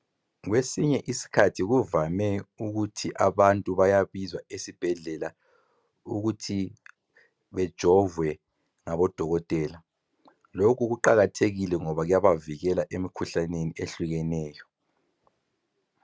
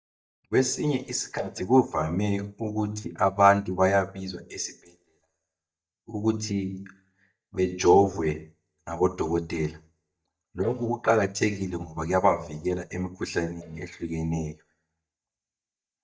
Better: first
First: none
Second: noise reduction (neural mask model DeepFilterNet 3)

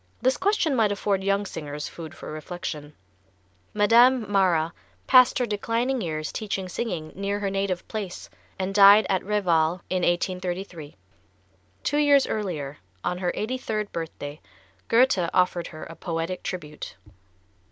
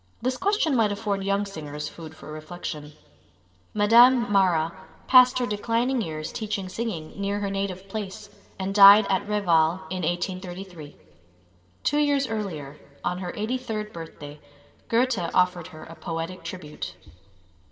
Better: first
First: none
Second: room echo; dies away in 1.9 s

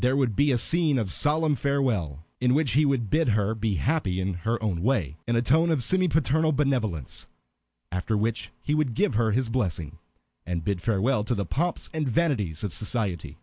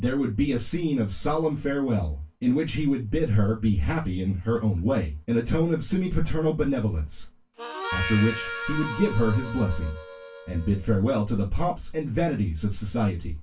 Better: first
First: none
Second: background sound (Harmonica); 9 dB below the speech // room echo; dies away in 0.2 s

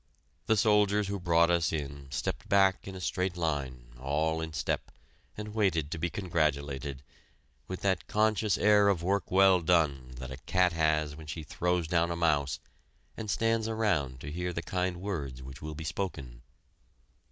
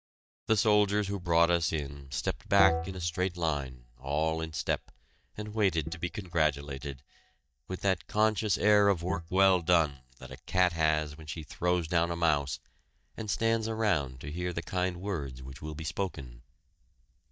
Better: first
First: none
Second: noise reduction (neural mask model DeepFilterNet 3)

